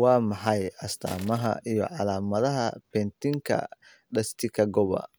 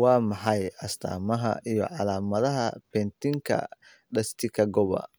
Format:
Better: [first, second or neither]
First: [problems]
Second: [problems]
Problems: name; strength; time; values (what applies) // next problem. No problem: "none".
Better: second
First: background sound (Crushing); 15 dB below the speech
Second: none